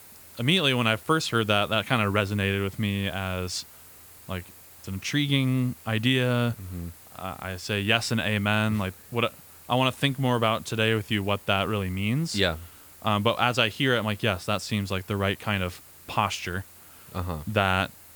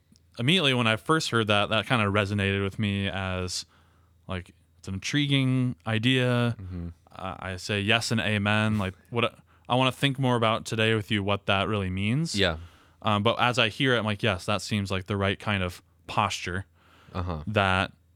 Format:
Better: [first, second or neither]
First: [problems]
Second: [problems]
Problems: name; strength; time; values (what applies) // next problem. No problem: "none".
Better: second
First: hiss; faint; throughout; 20 dB below the speech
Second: none